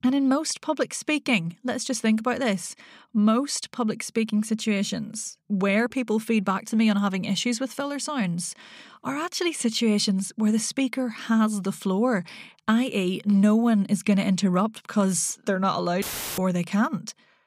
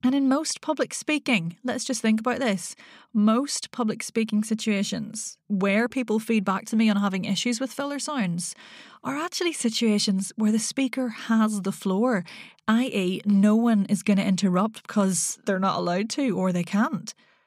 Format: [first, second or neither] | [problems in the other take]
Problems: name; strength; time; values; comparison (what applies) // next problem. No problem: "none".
second | audio cutting out; filled with static; at 16 s